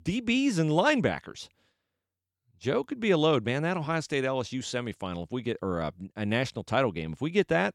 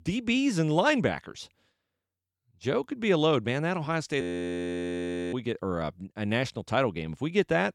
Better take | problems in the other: first | audio freezing; at 4 s for 1 s

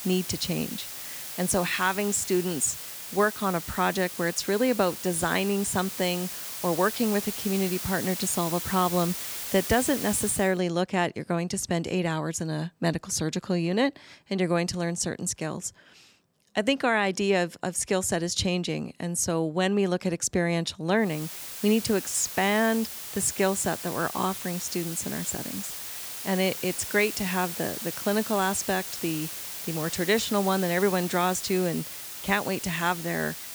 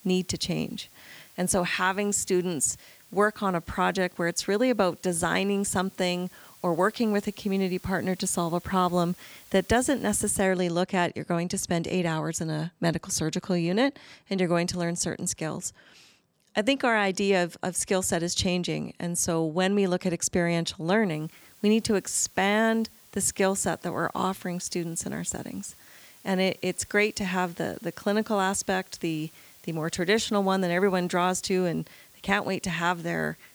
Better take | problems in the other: second | hiss; loud; until 10 s and from 21 s on; 7 dB below the speech; faint in the second

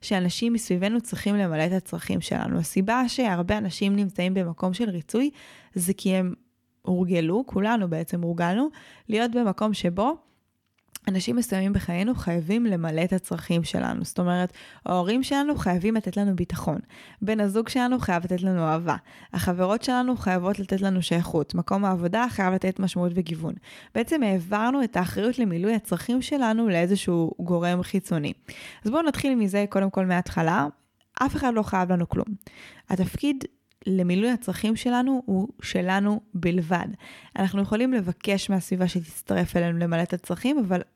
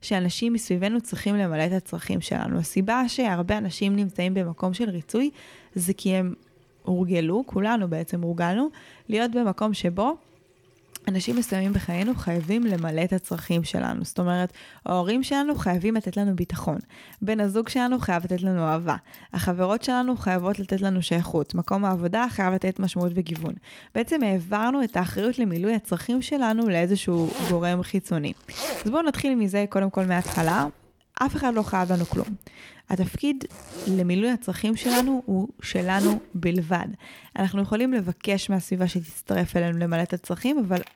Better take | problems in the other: first | household noises; noticeable; throughout; 10 dB below the speech

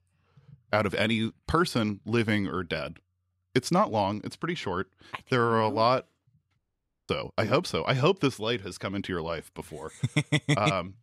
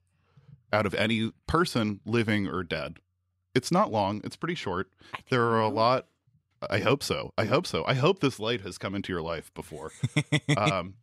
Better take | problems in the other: second | audio cutting out; at 6.5 s for 0.5 s

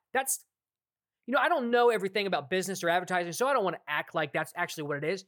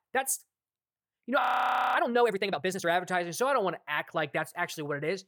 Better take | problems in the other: first | audio freezing; at 1.5 s for 0.5 s

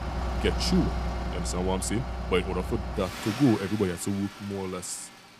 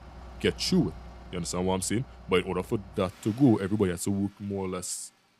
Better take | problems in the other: second | traffic noise; loud; throughout; 5 dB below the speech; faint in the second

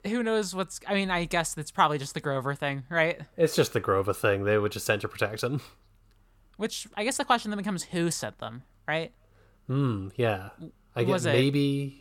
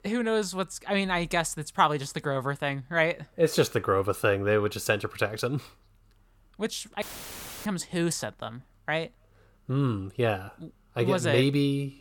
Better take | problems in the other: first | audio cutting out; filled with static; at 7 s for 0.5 s

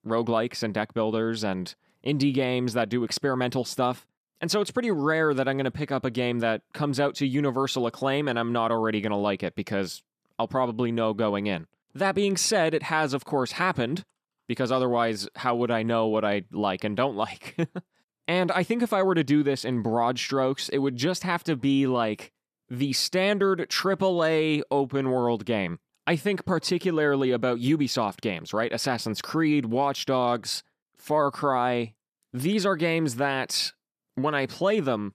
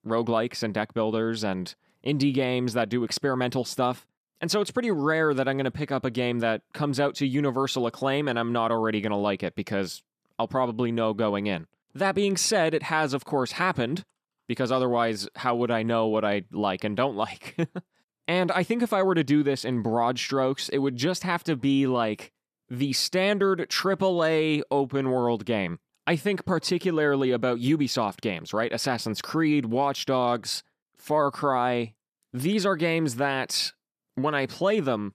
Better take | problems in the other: neither | none

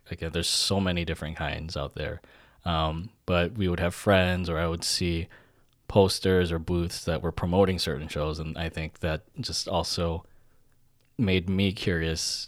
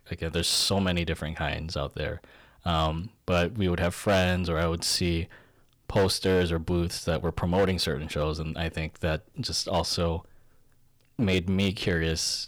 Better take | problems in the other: first | distortion; slight; 5% of the sound clipped

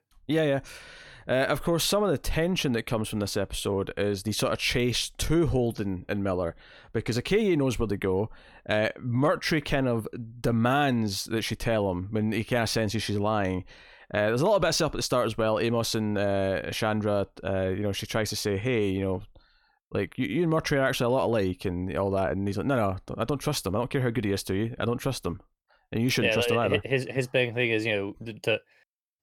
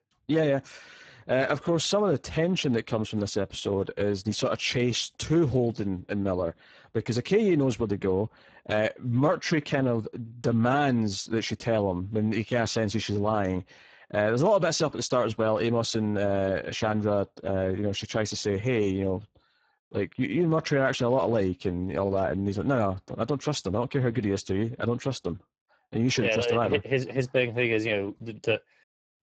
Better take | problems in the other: first | garbled, watery; badly; nothing above 7.5 kHz

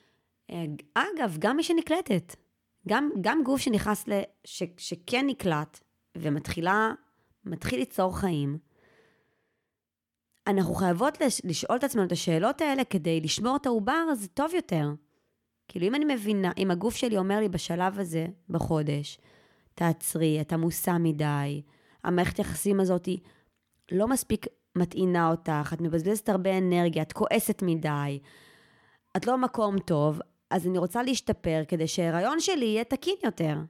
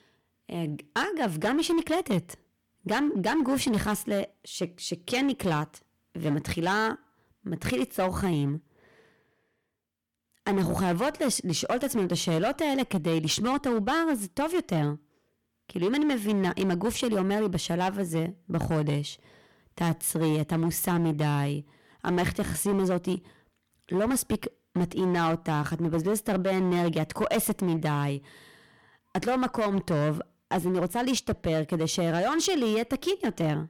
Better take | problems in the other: first | distortion; slight; 11% of the sound clipped

